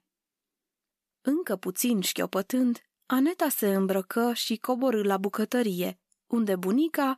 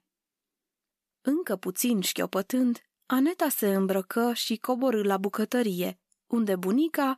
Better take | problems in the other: neither | none

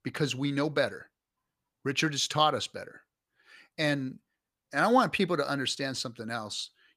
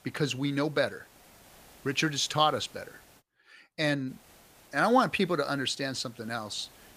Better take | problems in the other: first | hiss; faint; until 3 s and from 4 s on; 25 dB below the speech

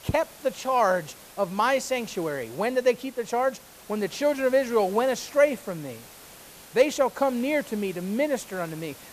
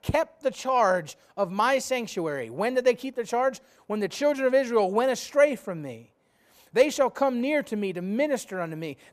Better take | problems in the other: second | hiss; noticeable; throughout; 20 dB below the speech

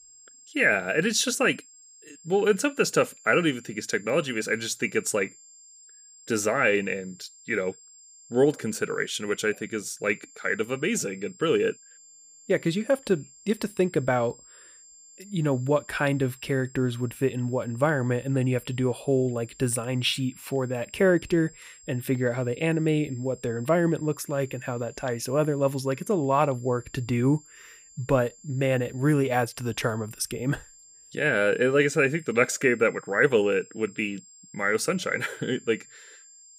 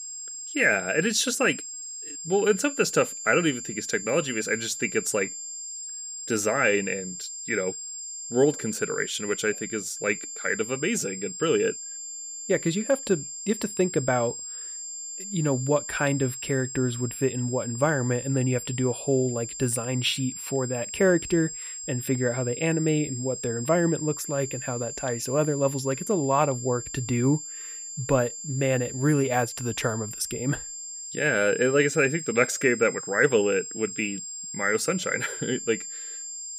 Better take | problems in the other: first | high-pitched whine; loud; throughout; 7.5 kHz, 8 dB below the speech; faint in the first

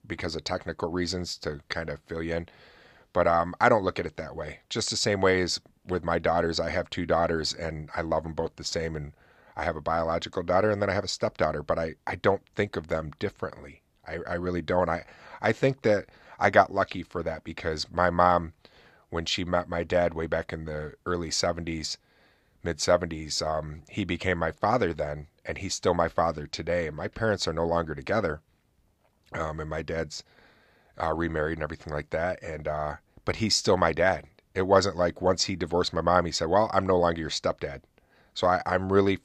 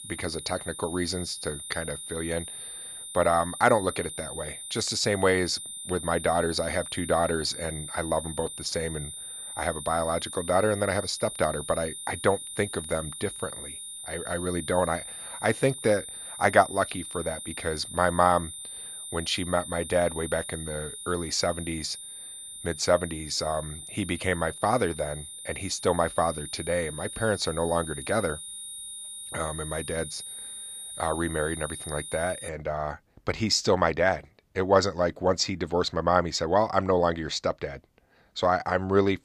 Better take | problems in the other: first | high-pitched whine; loud; until 32 s; 9 kHz, 9 dB below the speech

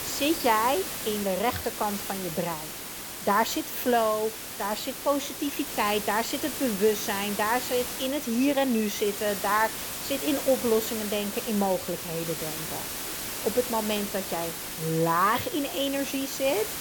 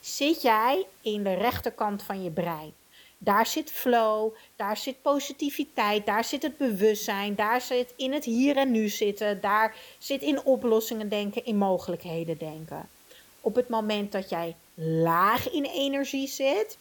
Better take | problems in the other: second | hiss; loud; throughout; 5 dB below the speech; faint in the second

